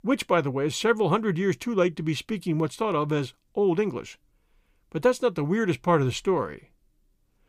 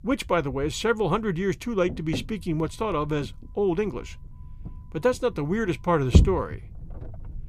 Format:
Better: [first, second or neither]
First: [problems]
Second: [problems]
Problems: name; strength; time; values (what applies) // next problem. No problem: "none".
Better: first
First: none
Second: low rumble; noticeable; throughout; 10 dB below the speech